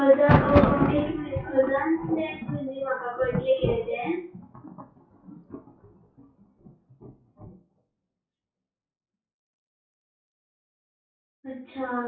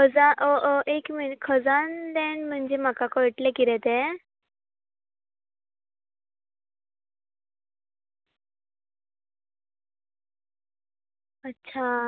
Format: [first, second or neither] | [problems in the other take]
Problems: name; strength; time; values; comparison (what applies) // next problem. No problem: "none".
second | noise reduction (classical method WPE with log-MMSE)